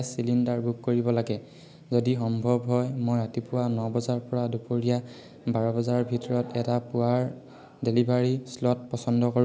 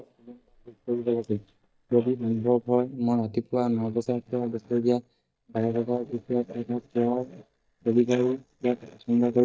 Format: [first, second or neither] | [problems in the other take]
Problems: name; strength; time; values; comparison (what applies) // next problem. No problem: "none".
first | noise reduction (neural mask model DeepFilterNet 3)